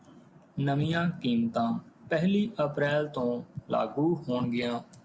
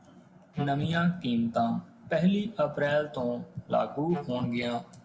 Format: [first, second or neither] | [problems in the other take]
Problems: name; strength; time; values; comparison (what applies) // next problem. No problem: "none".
first | background sound (Wind instrument, woodwind instrument); 14 dB below the speech // room echo; dies away in 0.7 s